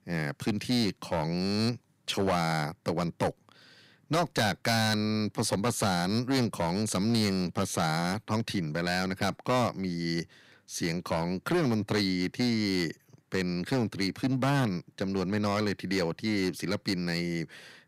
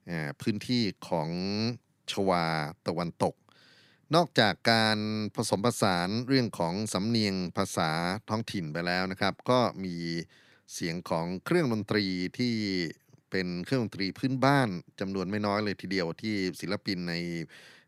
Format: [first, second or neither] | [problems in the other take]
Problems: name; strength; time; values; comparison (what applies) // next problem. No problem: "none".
second | distortion; heavy; 6% of the sound clipped